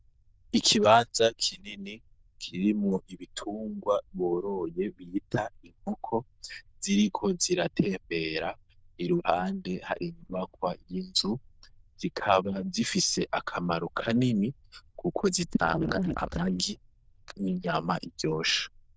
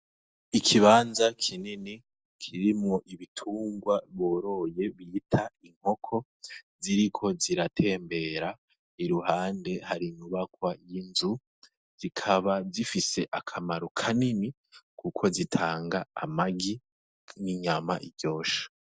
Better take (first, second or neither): second